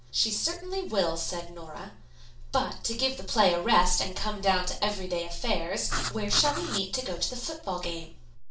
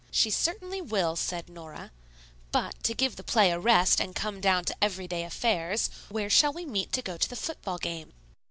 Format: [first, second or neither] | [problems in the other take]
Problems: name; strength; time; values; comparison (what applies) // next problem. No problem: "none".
second | background sound (Writing); 5 dB below the speech // room echo; dies away in 0.3 s